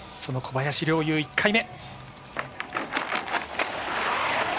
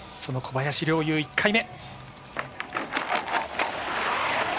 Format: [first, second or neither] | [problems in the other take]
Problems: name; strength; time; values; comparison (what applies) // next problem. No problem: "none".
first | background sound (Bird / Fowl); 6 dB below the speech